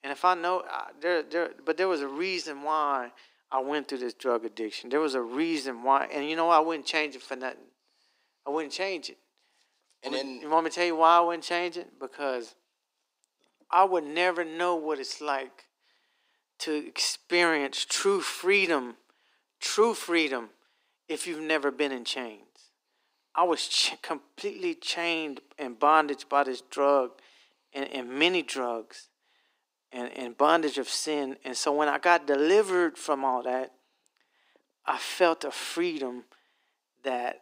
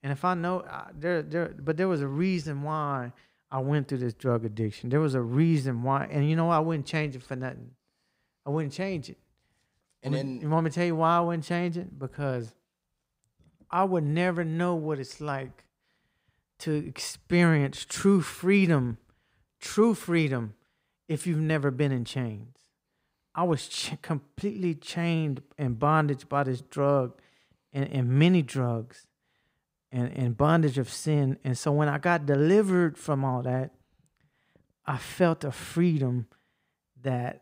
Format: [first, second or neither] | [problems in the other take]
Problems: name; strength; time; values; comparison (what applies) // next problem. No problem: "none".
second | thin; very; fading below 300 Hz